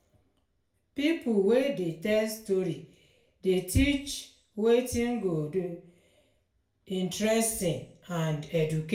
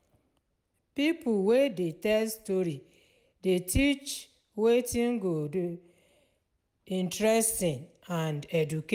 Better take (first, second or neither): second